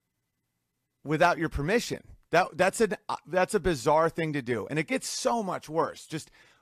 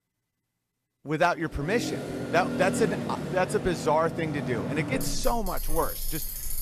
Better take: first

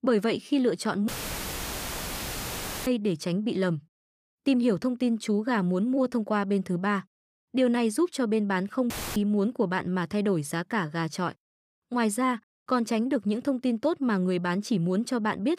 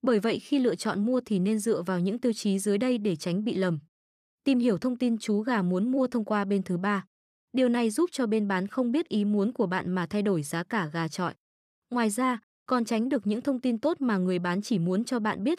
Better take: second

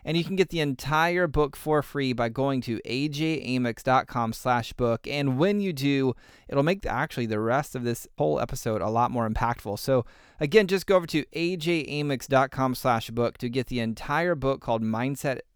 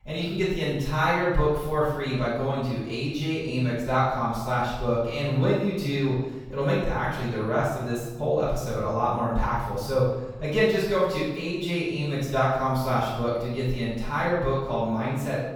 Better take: first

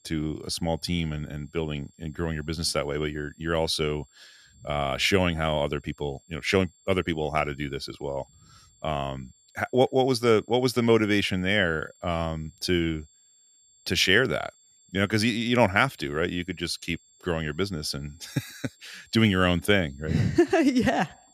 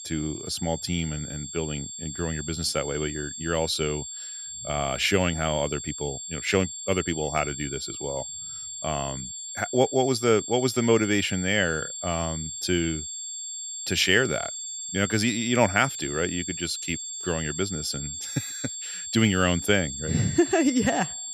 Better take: first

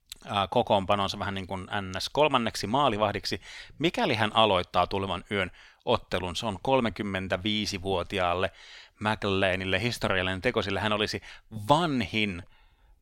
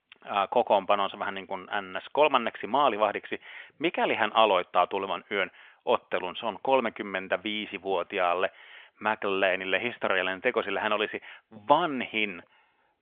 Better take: first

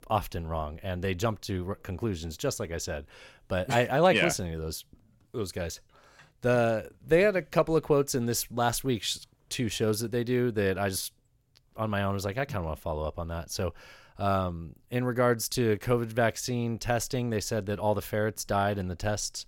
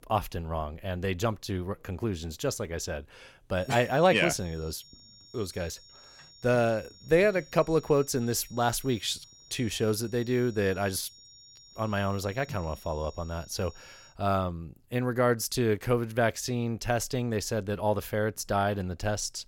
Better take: first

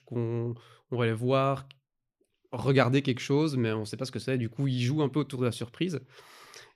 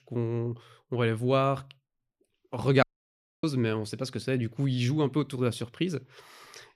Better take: first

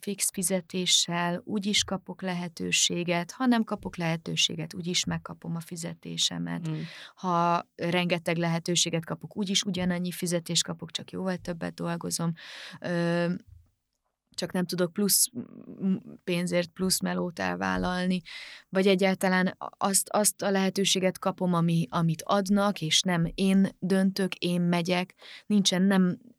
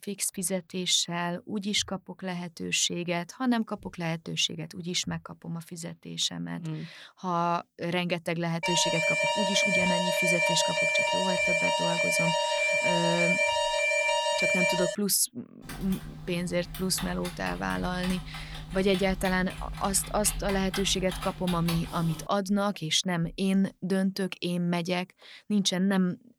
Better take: first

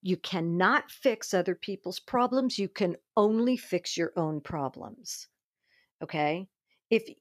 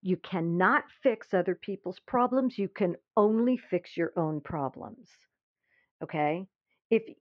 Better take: first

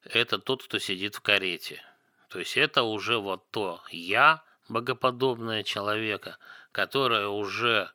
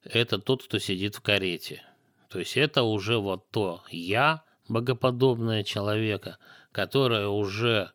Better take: second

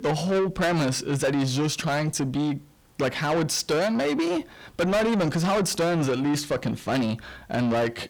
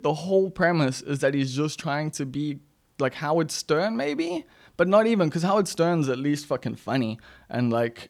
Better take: second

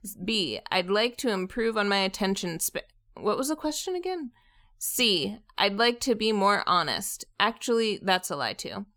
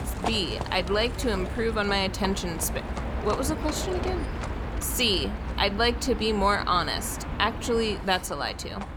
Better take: first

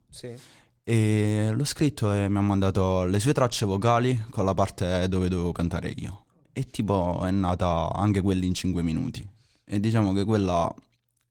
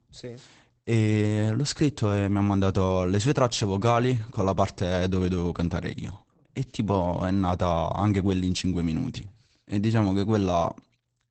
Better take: first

